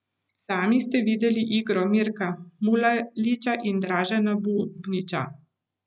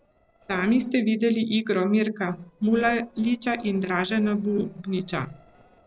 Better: first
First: none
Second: noise reduction (neural separator model SepFormer DNS4)

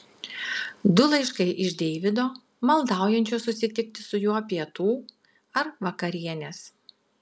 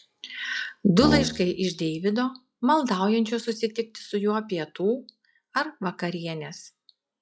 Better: first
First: none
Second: noise reduction (classical method log-MMSE)

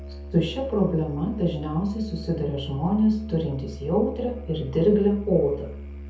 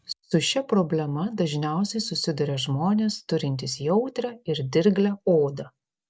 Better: second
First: background sound (Musical instrument); 12 dB below the speech // room echo; dies away in 0.5 s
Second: none

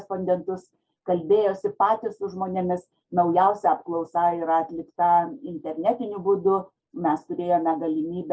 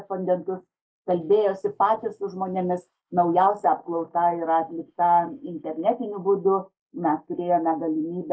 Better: first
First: none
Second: noise reduction (neural mask model Resemble Enhance denoiser)

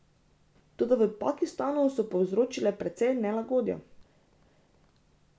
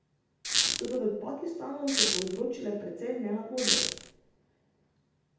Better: first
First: none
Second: background sound (Squeak); 5 dB above the speech // room echo; dies away in 0.8 s

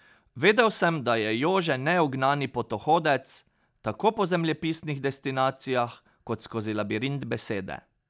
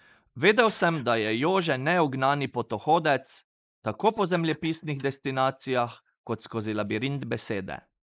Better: first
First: none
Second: noise reduction (neural mask model Resemble Enhance denoiser)

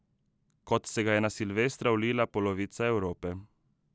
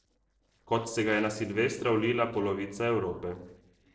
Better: first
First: none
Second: noise reduction (neural separator model SepFormer DNS4)

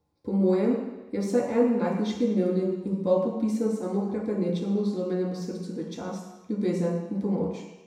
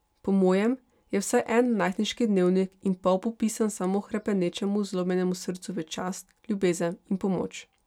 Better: second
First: room echo; dies away in 1 s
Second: none

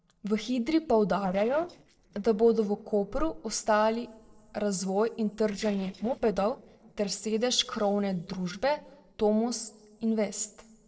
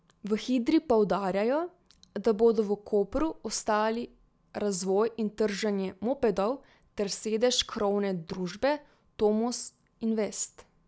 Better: second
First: noise reduction (neural separator model SepFormer DNS4)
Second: none

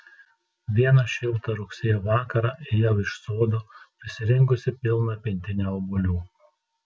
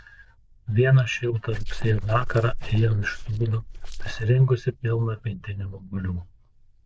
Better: first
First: none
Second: noise reduction (neural diffusion model UNIVERSE++)

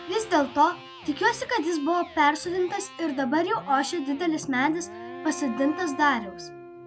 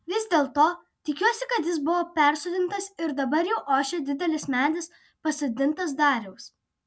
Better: second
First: background sound (Wind instrument, woodwind instrument + Electric guitar); 15 dB below the speech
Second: none

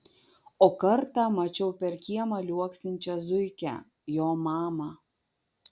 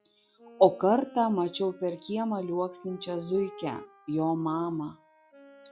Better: first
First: none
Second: noise reduction (classical method log-MMSE)

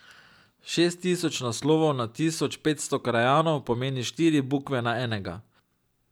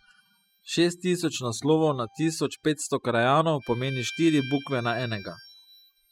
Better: first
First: none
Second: noise reduction (classical method spectral subtraction)

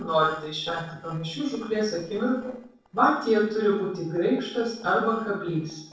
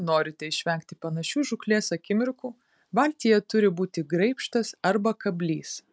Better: second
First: noise reduction (neural separator model SepFormer DNS4)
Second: none

